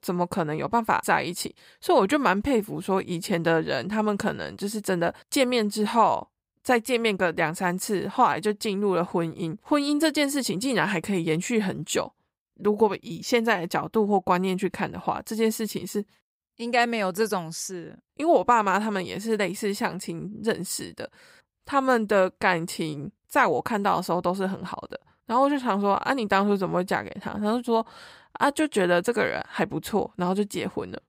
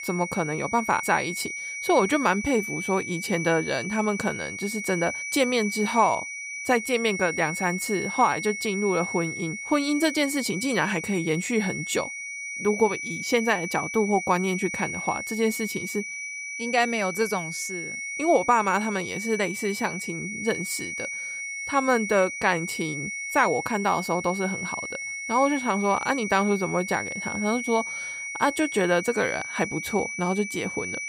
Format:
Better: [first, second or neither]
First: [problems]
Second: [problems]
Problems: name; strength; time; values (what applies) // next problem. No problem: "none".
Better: first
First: none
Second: high-pitched whine; loud; throughout; 2 kHz, 6 dB below the speech